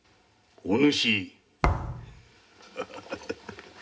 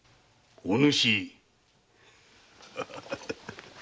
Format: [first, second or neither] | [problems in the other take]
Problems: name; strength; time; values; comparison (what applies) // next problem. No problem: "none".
second | background sound (Thump, thud); as loud as the speech // room echo; dies away in 0.3 s